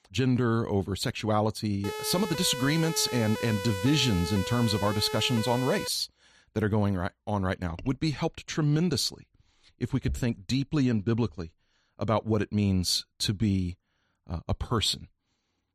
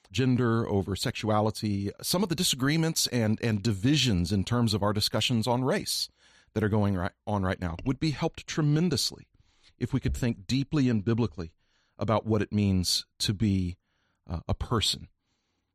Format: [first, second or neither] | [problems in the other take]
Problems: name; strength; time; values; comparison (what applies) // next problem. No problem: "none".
second | siren; noticeable; from 2 to 6 s; peak 7 dB below the speech